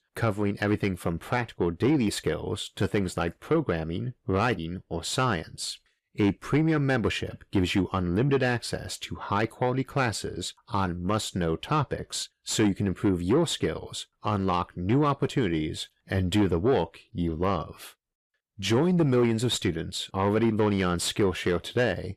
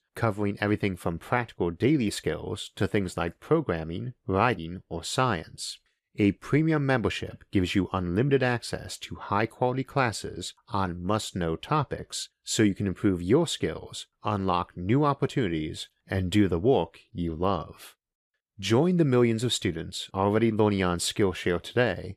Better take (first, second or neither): second